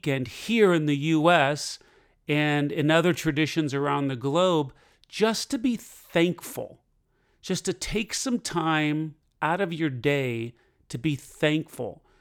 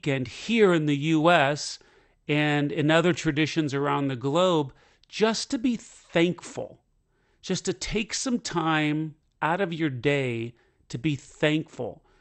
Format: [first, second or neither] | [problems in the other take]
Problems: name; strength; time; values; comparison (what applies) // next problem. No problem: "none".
first | garbled, watery; slightly; nothing above 8 kHz